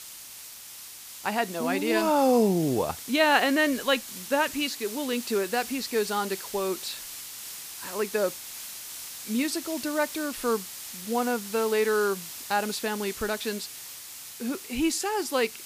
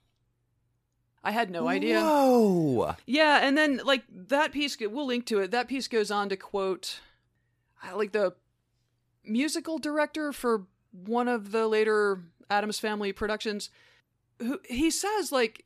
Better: second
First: hiss; noticeable; throughout; 10 dB below the speech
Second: none

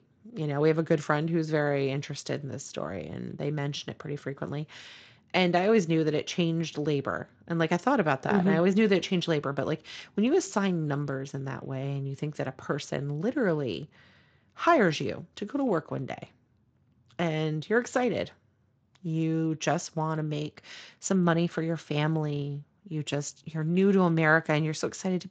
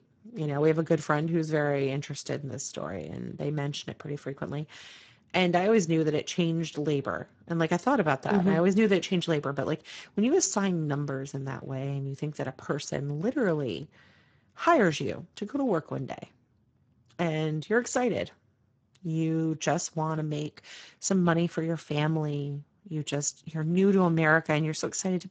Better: first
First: garbled, watery; slightly; nothing above 7.5 kHz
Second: garbled, watery; badly; nothing above 7.5 kHz

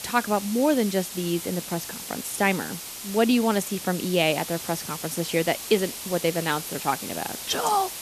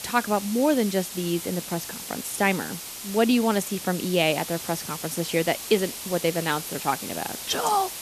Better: neither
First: hiss; loud; throughout; 8 dB below the speech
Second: hiss; loud; throughout; 8 dB below the speech

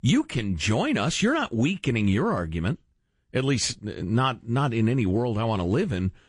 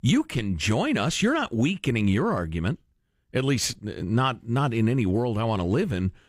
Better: second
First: garbled, watery; slightly; nothing above 10 kHz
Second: none

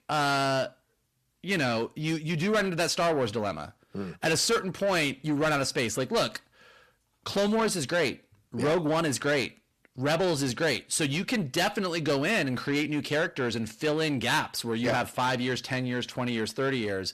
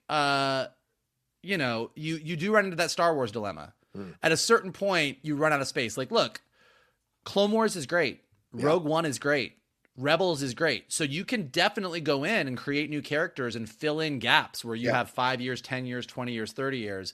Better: second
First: distortion; heavy; 7 dB below the speech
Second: none

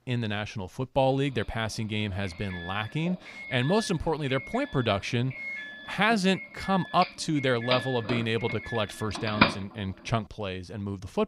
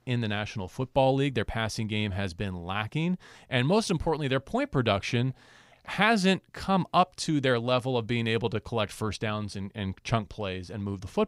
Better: second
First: doorbell; loud; from 5.5 to 9.5 s; peak 5 dB above the speech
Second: none

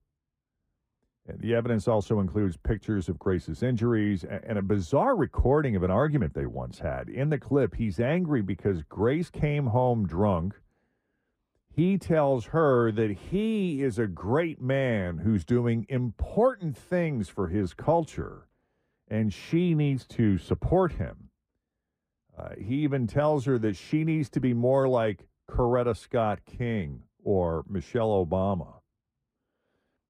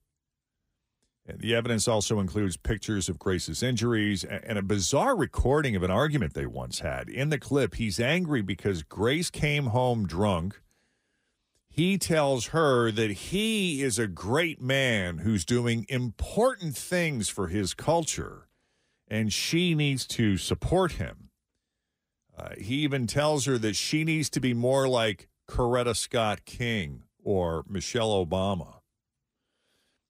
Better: second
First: muffled; very; fading above 2.5 kHz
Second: none

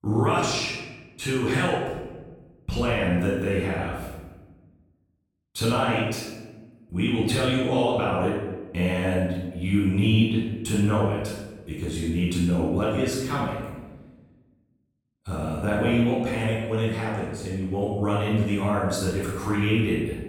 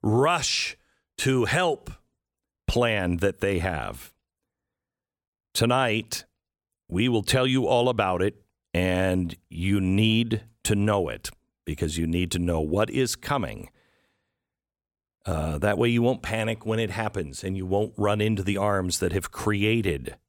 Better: second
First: off-mic speech; far // room echo; strong; dies away in 1 s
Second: none

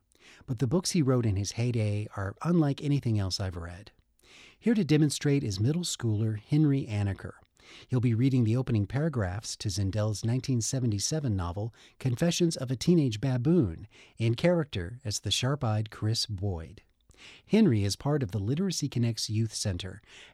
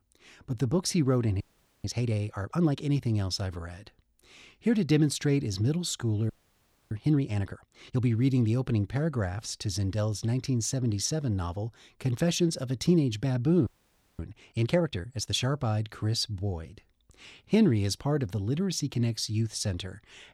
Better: first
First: none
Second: audio freezing; at 1.5 s, at 6.5 s for 0.5 s and at 14 s for 0.5 s

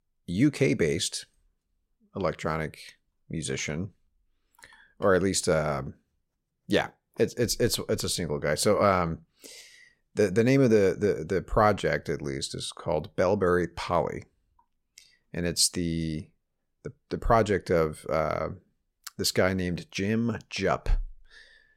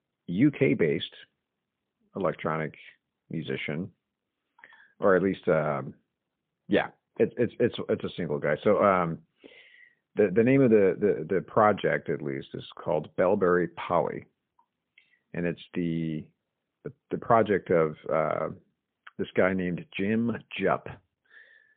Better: first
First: none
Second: phone-call audio; poor line

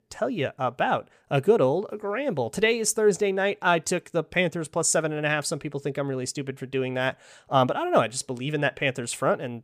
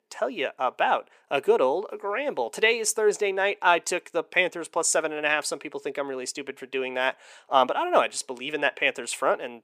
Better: first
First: none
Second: thin; somewhat; fading below 300 Hz

